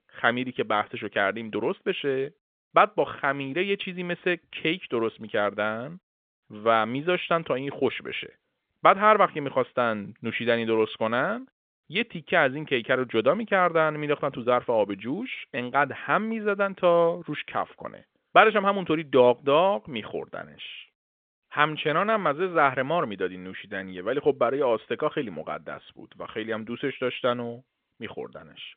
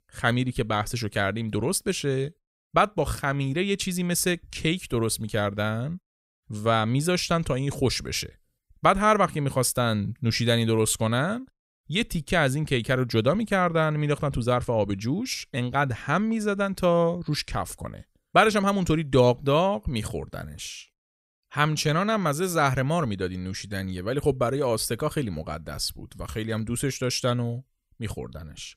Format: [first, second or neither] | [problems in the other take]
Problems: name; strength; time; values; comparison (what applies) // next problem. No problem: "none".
second | phone-call audio; nothing above 3.5 kHz